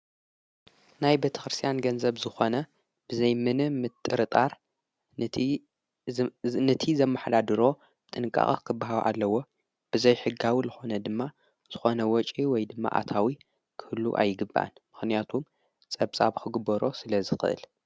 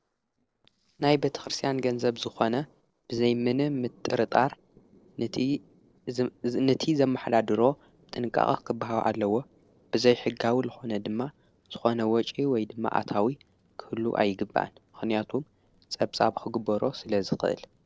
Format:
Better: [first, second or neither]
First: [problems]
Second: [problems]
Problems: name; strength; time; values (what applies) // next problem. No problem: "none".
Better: first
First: none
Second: noise reduction (neural separator model SepFormer DNS4)